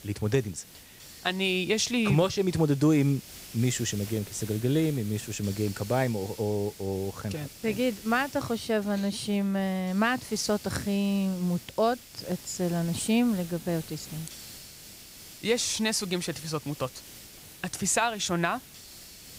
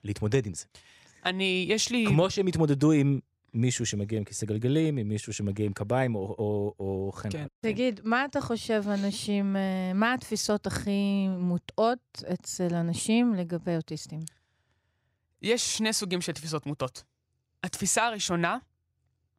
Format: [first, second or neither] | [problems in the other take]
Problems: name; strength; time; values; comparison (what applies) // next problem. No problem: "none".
second | hiss; noticeable; throughout; 15 dB below the speech